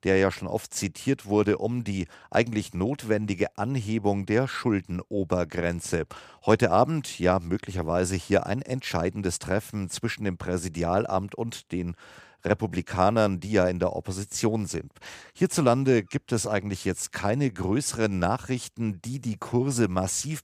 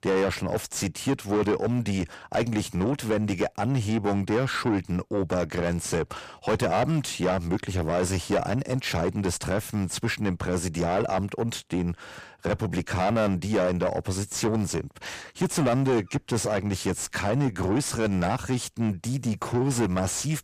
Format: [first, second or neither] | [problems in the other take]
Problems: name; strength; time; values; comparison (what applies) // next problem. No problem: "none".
first | distortion; heavy; 6 dB below the speech